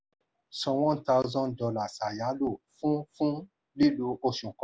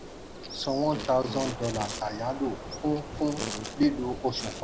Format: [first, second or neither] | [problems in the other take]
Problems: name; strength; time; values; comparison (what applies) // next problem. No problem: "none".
first | background sound (Insect); 7 dB below the speech